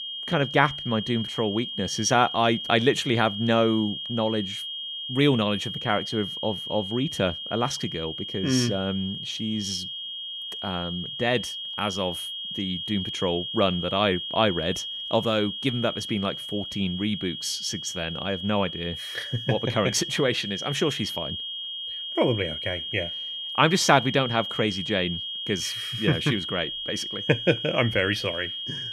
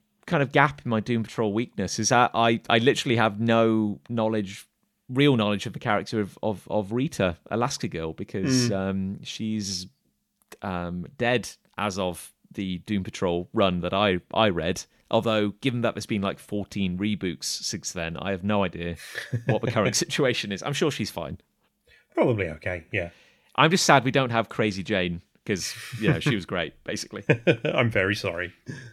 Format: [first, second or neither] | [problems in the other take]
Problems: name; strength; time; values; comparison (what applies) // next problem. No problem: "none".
second | high-pitched whine; loud; throughout; 3 kHz, 5 dB below the speech